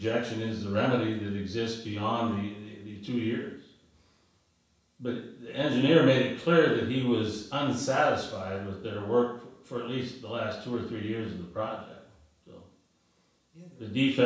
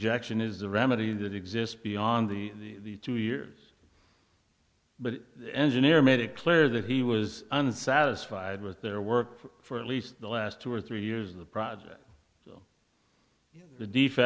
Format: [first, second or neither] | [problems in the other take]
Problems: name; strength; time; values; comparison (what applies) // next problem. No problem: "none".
second | room echo; dies away in 0.7 s